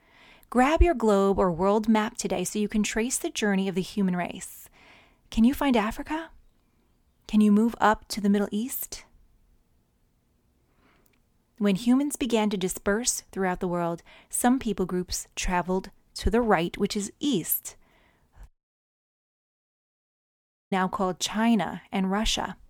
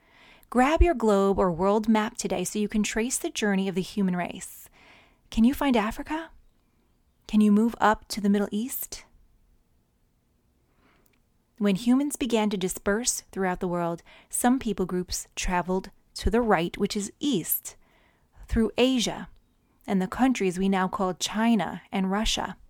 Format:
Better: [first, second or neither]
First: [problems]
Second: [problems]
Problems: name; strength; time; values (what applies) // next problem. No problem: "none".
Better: second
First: audio cutting out; at 18 s for 2 s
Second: none